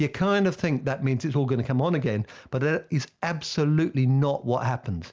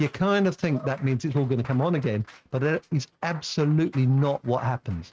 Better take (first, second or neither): first